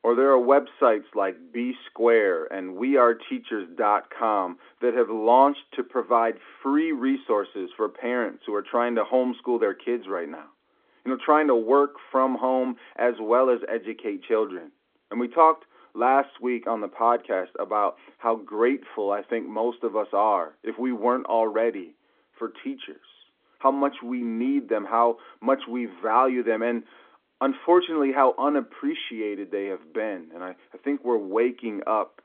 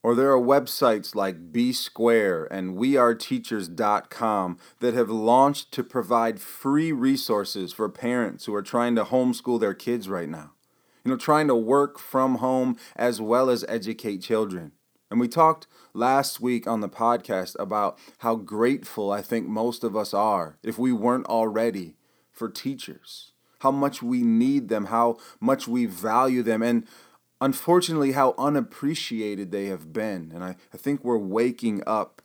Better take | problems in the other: second | phone-call audio; nothing above 3.5 kHz

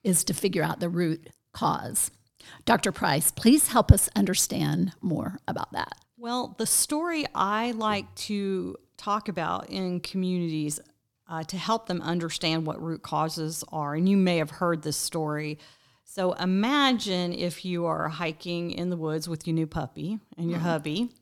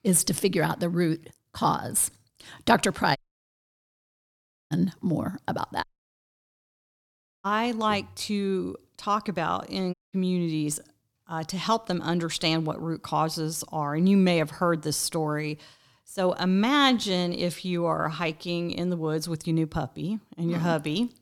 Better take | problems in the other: first | audio cutting out; at 3 s for 1.5 s, at 6 s for 1.5 s and at 10 s

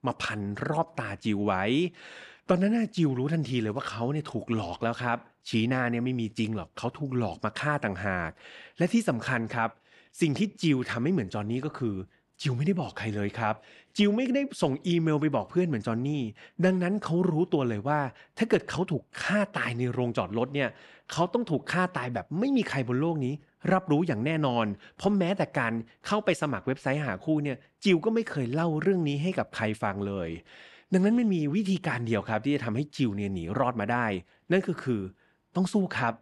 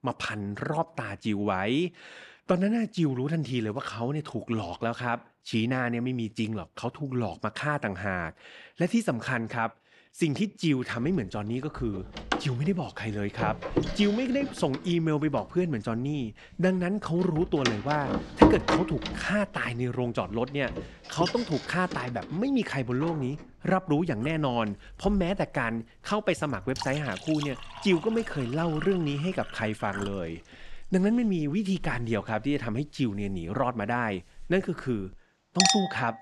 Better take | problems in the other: first | household noises; loud; from 11 s on; 2 dB below the speech

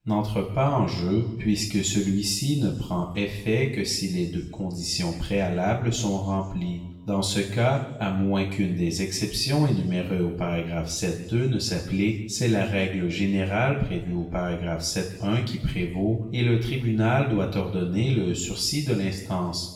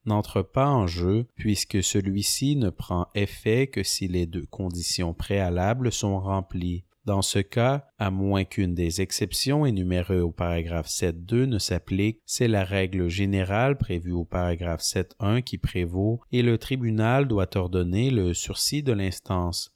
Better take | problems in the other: second | room echo; noticeable; dies away in 0.9 s // off-mic speech; far

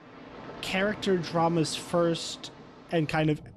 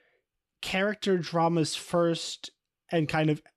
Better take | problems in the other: second | rain or running water; noticeable; throughout; 15 dB below the speech

